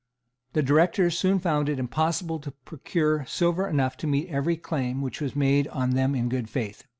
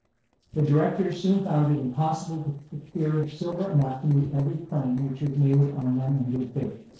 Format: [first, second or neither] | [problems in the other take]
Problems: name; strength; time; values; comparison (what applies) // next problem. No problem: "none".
first | noise reduction (neural separator model SepFormer DNS4)